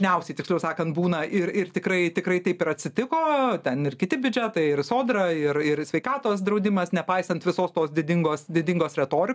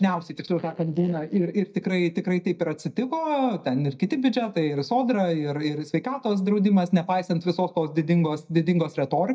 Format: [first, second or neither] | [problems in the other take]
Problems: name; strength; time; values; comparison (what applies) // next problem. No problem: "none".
first | noise reduction (neural mask model DeepFilterNet 3)